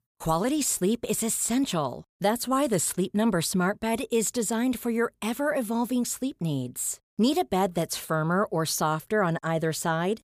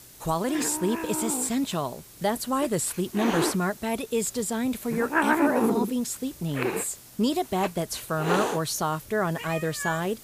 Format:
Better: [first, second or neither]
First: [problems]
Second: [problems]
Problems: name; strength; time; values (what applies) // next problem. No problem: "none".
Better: first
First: none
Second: hiss; loud; throughout; 2 dB below the speech